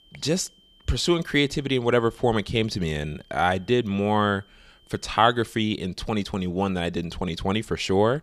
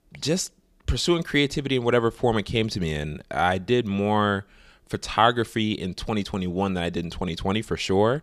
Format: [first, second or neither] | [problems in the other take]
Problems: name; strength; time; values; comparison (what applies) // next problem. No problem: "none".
second | high-pitched whine; faint; until 5.5 s; 3 kHz, 30 dB below the speech